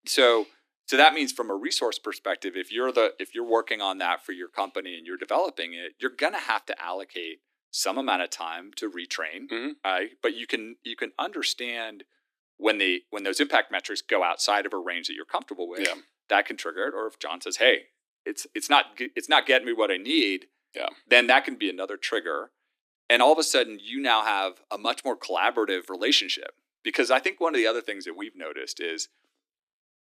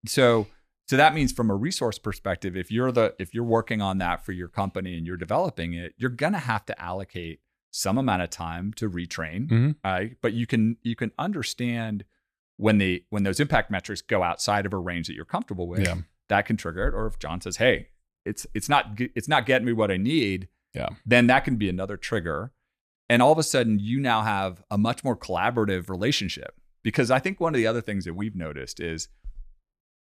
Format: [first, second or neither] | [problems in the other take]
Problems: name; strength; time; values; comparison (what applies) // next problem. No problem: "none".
second | thin; somewhat; fading below 300 Hz